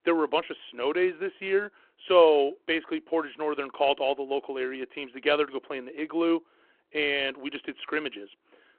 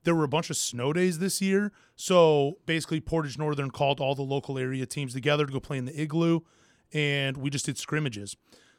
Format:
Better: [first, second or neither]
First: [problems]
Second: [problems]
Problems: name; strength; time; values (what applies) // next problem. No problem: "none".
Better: second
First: phone-call audio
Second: none